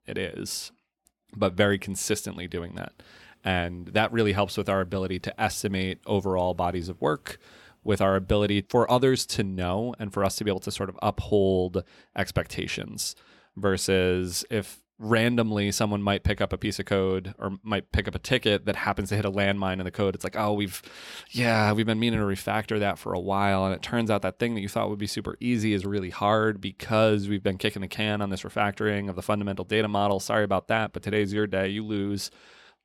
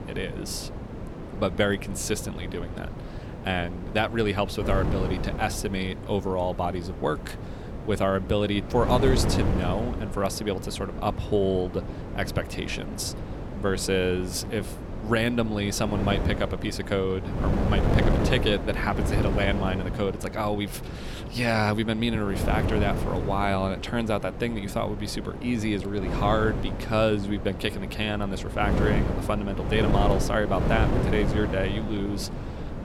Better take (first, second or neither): first